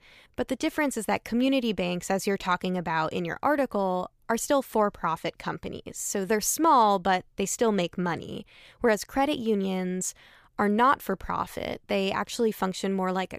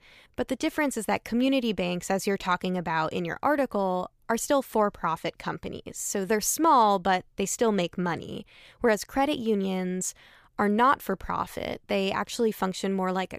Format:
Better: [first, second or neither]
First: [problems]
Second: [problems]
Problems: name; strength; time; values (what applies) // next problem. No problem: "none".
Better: neither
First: none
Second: none